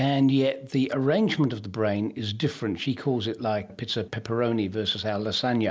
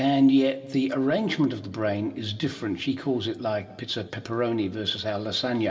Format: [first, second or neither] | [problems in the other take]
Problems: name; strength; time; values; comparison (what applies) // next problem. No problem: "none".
first | room echo; dies away in 1.4 s